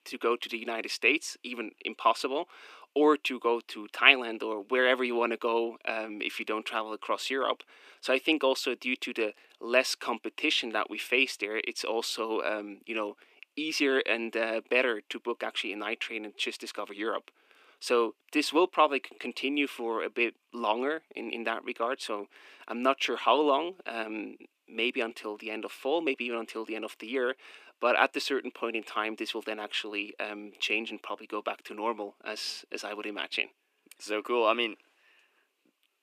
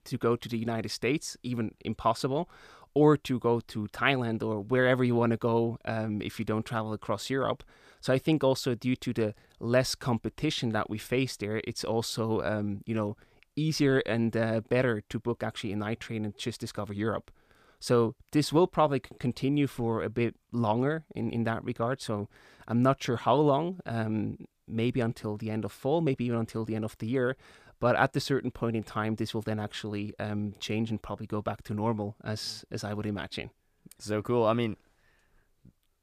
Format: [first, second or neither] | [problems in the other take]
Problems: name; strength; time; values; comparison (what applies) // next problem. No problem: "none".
second | thin; somewhat; fading below 300 Hz